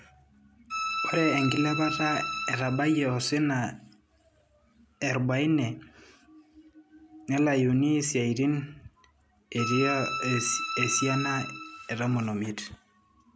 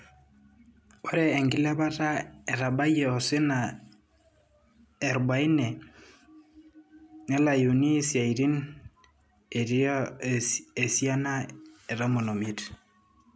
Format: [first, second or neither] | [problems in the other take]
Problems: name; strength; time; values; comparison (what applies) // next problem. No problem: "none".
second | background sound (Bowed string instrument); 4 dB below the speech